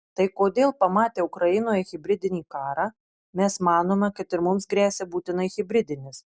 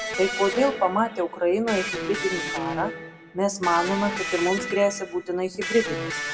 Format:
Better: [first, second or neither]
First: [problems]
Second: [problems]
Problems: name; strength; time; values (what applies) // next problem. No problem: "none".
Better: first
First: none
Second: background sound (Electric guitar); 6 dB below the speech // room echo; dies away in 0.6 s